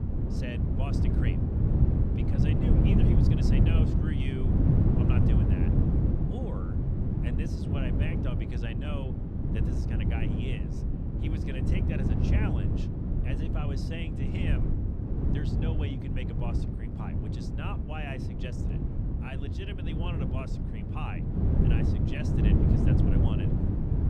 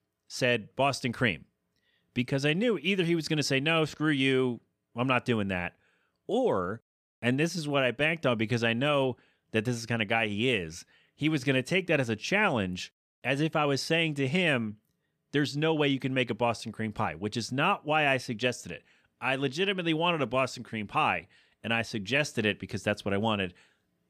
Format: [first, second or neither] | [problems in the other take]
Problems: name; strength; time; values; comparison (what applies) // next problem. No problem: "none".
second | wind noise on the microphone; heavy; 4 dB above the speech